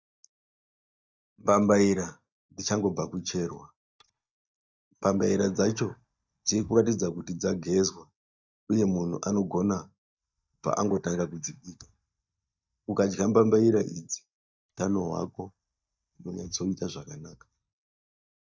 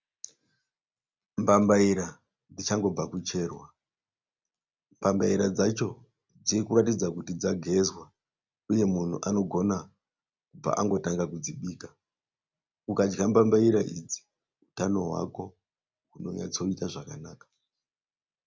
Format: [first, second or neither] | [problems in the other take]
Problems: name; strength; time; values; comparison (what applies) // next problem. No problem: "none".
second | noise reduction (neural mask model DeepFilterNet 3)